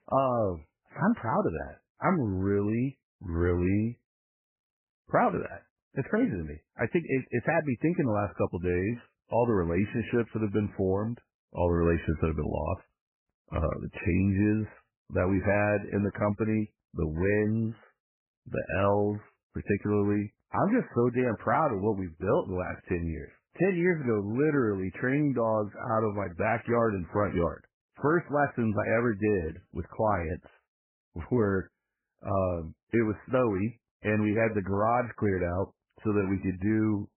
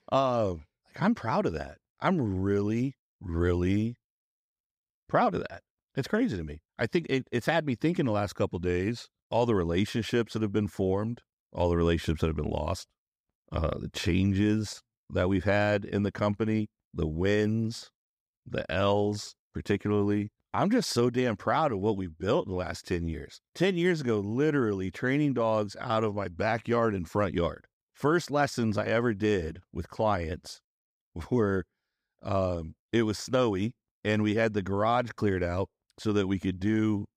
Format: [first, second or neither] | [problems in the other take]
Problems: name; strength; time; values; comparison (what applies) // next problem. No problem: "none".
second | garbled, watery; badly; nothing above 2.5 kHz